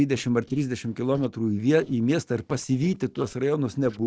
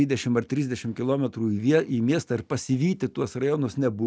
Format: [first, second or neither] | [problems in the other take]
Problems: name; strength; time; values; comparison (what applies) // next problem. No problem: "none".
second | noise reduction (neural separator model SepFormer DNS4)